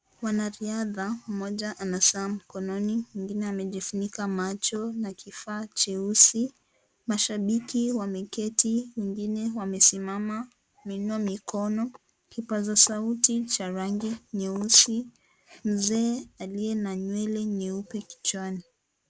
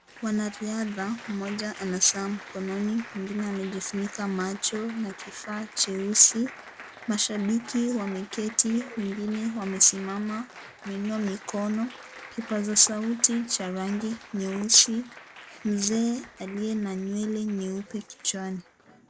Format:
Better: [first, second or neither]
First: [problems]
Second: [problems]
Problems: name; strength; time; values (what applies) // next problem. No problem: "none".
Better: first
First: none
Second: background sound (Applause); 17 dB below the speech